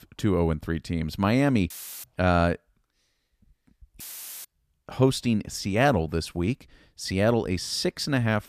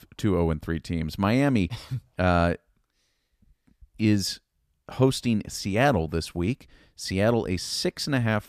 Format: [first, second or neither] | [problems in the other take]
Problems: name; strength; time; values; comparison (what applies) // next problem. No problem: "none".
second | audio cutting out; filled with static; at 1.5 s and at 4 s